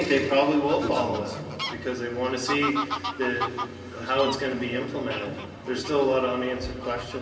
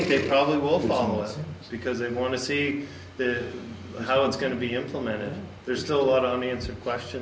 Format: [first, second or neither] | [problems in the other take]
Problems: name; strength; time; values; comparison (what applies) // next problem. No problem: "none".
second | background sound (Fowl); 10 dB below the speech // room echo; dies away in 2.4 s